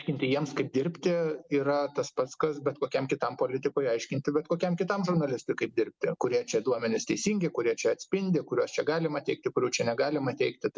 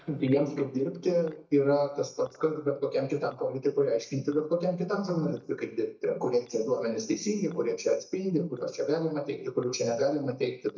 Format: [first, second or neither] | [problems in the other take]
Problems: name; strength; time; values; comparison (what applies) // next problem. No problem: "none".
first | noise reduction (neural mask model DeepFilterNet 3)